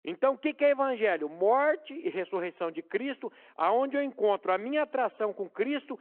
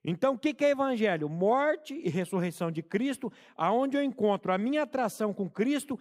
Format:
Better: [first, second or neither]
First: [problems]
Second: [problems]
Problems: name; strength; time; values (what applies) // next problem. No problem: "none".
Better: second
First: phone-call audio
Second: none